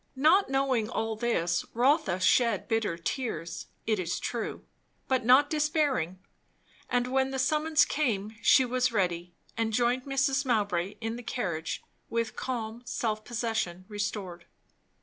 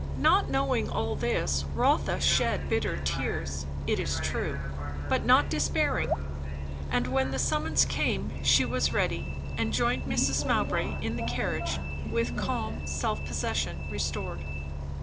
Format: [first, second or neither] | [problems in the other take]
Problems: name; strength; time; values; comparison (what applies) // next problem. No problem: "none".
first | background sound (Bus + Raindrop / Drip); 2 dB below the speech